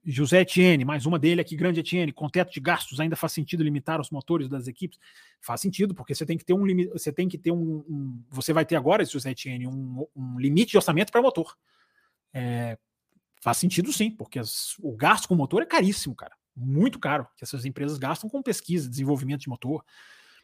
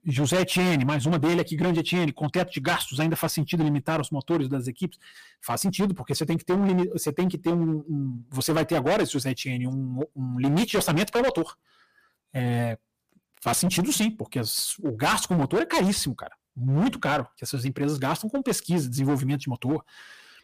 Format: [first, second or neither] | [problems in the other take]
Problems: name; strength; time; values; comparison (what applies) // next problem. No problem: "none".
first | distortion; heavy; 13% of the sound clipped